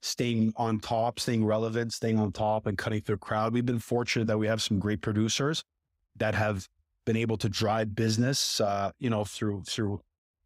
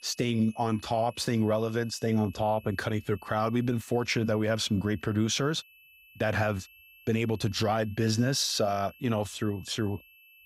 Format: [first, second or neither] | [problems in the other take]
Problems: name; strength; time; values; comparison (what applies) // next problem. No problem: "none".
first | high-pitched whine; faint; throughout; 2.5 kHz, 25 dB below the speech